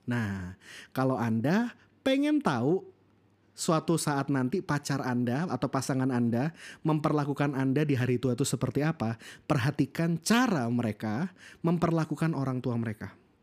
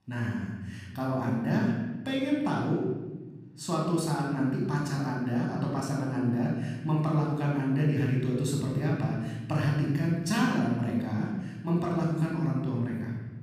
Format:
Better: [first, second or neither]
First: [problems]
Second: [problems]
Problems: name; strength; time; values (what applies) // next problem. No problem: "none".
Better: first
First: none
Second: off-mic speech; far // room echo; noticeable; dies away in 1.4 s